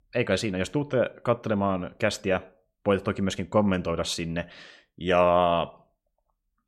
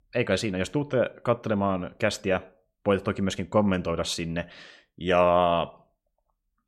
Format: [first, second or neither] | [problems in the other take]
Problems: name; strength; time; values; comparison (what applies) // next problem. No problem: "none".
neither | none